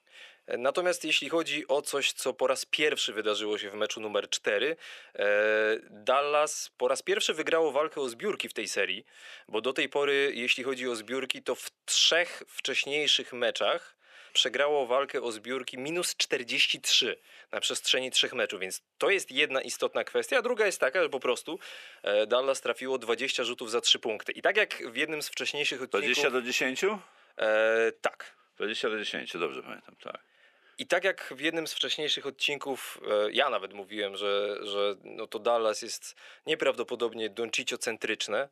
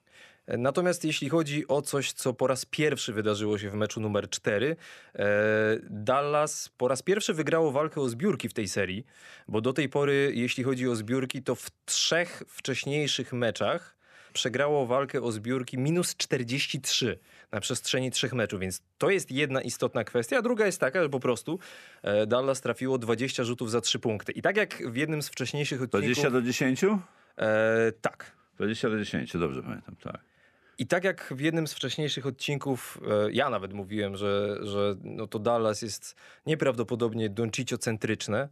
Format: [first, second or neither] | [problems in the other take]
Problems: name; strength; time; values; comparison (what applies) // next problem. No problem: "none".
second | thin; somewhat; fading below 450 Hz